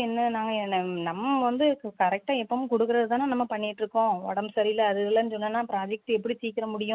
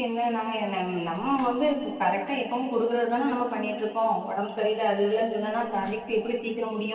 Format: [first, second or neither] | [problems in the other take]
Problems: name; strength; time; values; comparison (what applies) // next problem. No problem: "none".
first | noise reduction (neural separator model SepFormer DNS4)